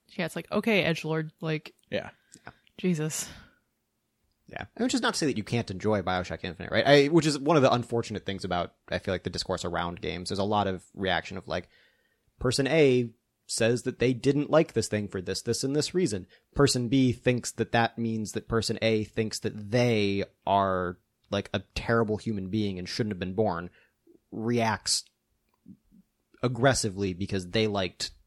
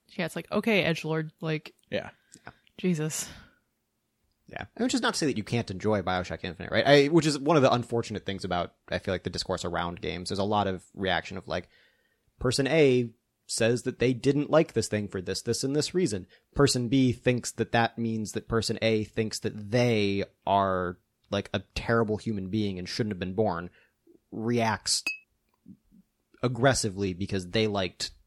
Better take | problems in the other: first | clattering dishes; noticeable; at 25 s; peak 6 dB below the speech

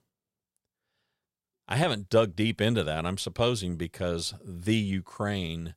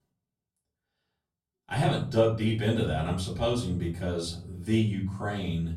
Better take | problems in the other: first | off-mic speech; far // room echo; slight; dies away in 0.7 s

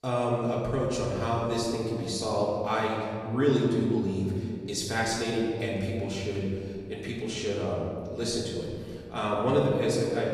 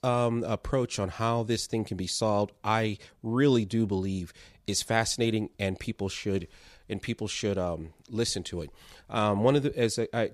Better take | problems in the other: second | room echo; noticeable; dies away in 2.1 s // off-mic speech; far

